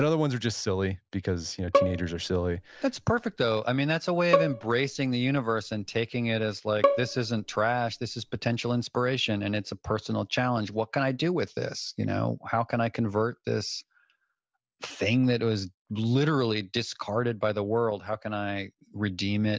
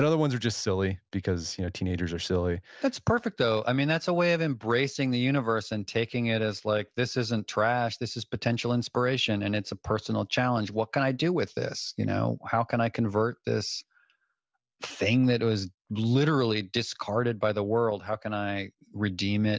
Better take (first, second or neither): second